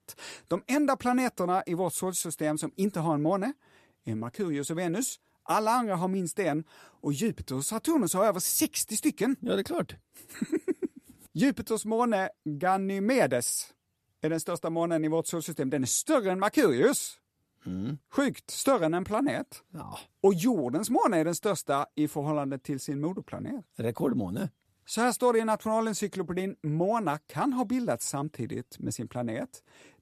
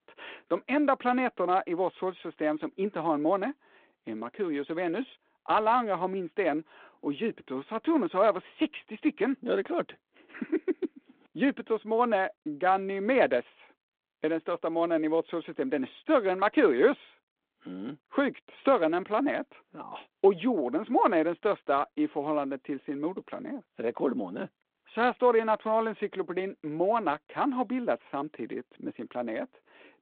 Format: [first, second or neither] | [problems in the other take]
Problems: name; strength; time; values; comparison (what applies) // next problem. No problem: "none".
first | phone-call audio; nothing above 4 kHz